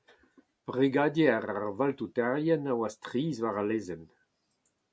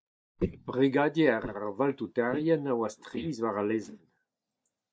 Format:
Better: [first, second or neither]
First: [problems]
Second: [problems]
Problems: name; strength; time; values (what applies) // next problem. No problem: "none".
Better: first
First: none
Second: noise reduction (neural mask model DeepFilterNet 3)